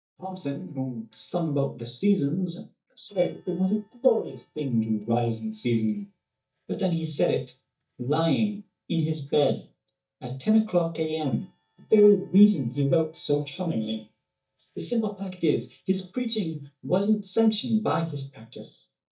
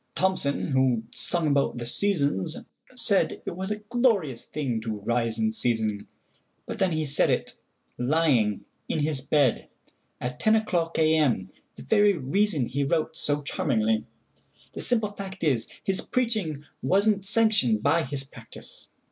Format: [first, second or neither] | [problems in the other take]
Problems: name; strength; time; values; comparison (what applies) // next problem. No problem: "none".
second | noise reduction (neural mask model DeepFilterNet 3)